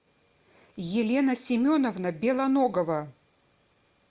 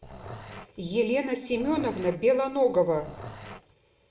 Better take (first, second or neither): first